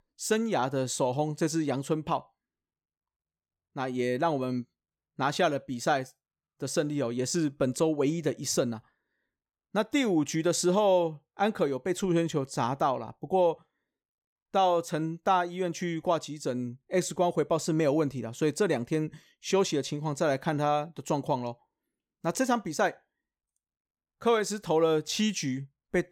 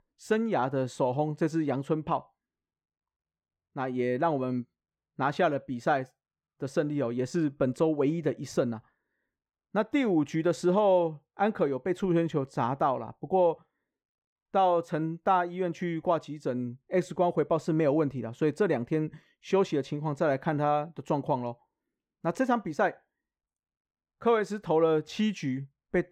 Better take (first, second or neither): first